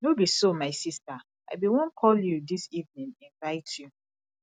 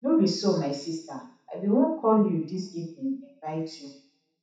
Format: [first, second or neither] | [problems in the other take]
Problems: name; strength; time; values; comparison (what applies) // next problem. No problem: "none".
first | room echo; dies away in 0.7 s